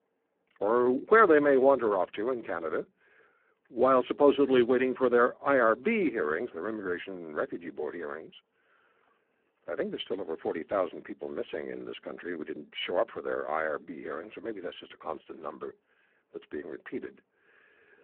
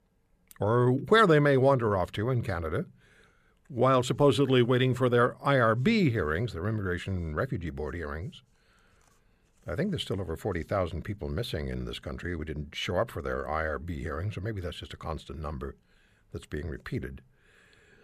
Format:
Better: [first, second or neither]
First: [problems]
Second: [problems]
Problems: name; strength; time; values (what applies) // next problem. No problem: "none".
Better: second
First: phone-call audio; poor line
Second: none